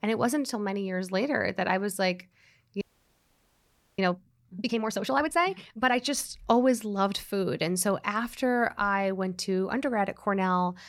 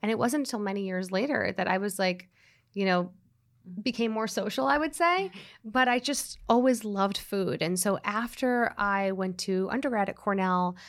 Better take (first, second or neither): second